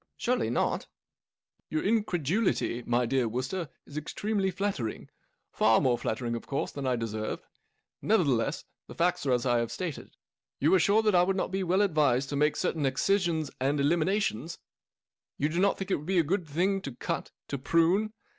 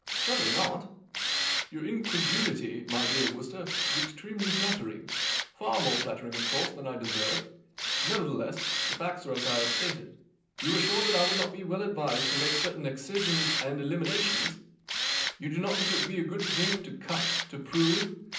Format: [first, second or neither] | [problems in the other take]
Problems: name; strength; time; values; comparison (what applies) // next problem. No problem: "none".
first | background sound (Tools); 1 dB above the speech // room echo; dies away in 0.6 s